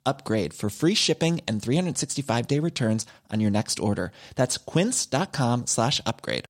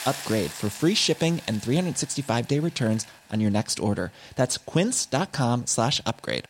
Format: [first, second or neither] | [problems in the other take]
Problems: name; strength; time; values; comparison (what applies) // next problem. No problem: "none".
first | hiss; noticeable; throughout; 15 dB below the speech